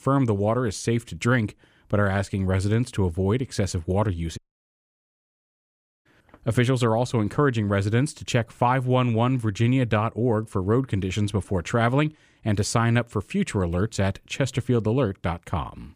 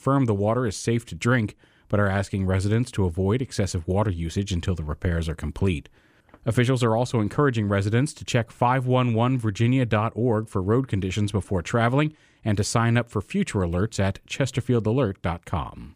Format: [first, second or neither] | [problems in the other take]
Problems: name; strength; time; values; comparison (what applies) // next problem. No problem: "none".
second | audio cutting out; at 4.5 s for 1.5 s